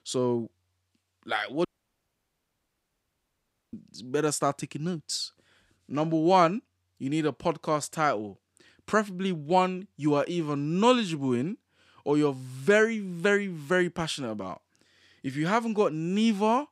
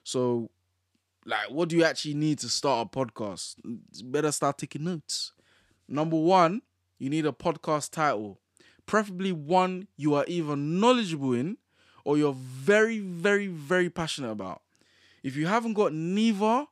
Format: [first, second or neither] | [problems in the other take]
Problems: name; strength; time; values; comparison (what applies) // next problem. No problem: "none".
second | audio cutting out; at 1.5 s for 2 s